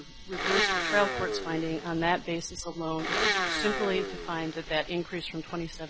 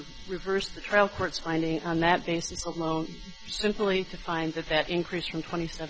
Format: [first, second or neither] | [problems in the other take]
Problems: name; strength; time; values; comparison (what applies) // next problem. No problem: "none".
second | background sound (Domestic sounds, home sounds); 1 dB below the speech